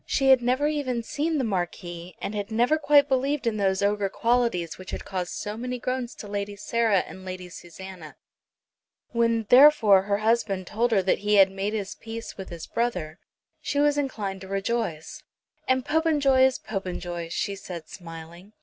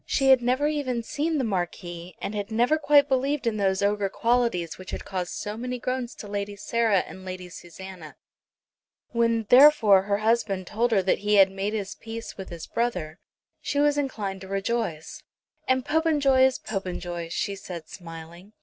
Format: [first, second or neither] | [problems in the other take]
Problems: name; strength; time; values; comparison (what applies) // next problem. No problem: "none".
first | noise reduction (neural separator model SepFormer DNS4)